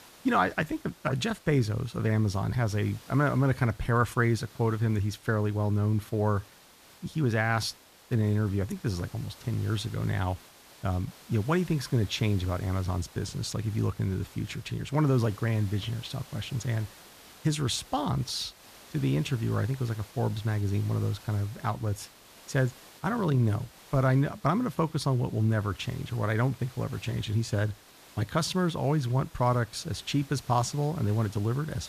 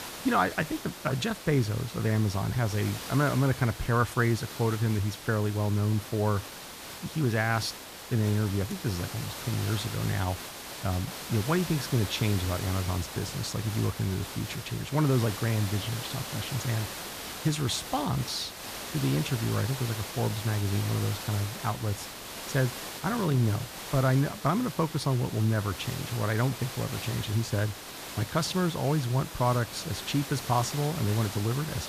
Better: first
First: hiss; faint; throughout; 20 dB below the speech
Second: hiss; loud; throughout; 9 dB below the speech

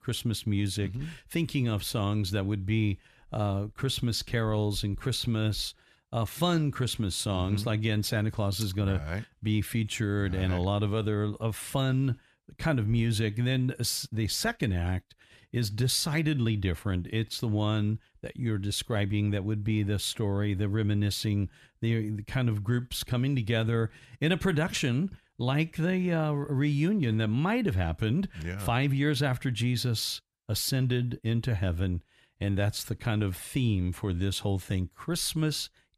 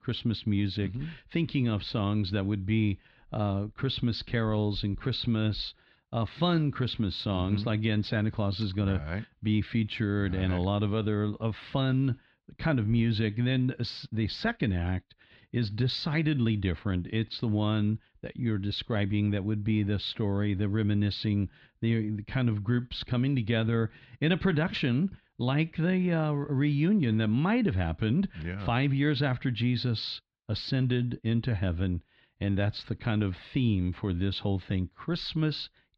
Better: first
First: none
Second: muffled; very slightly; fading above 4 kHz

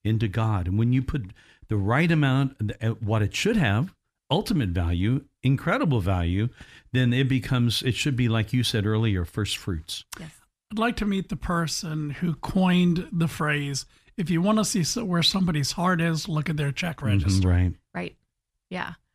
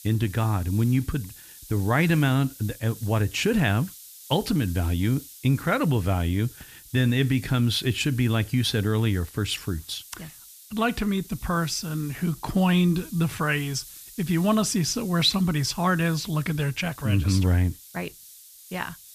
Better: first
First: none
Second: hiss; noticeable; throughout; 20 dB below the speech

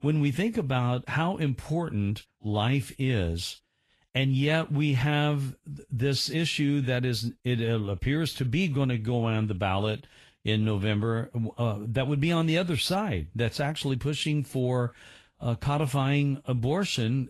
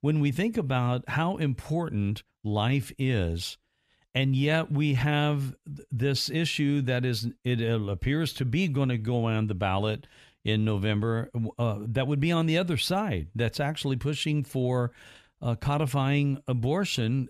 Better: second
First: garbled, watery; slightly; nothing above 12.5 kHz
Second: none

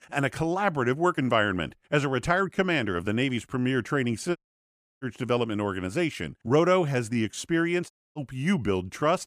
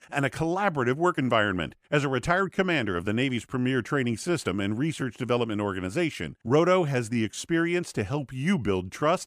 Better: second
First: audio cutting out; at 4.5 s for 0.5 s and at 8 s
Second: none

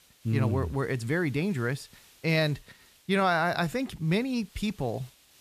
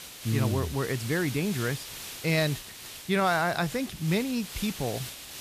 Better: first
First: hiss; faint; throughout; 25 dB below the speech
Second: hiss; loud; throughout; 10 dB below the speech

